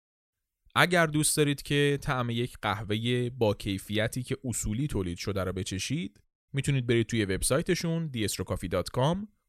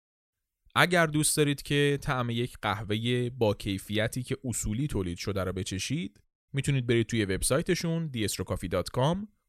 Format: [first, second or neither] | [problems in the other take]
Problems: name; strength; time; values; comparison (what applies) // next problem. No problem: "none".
neither | none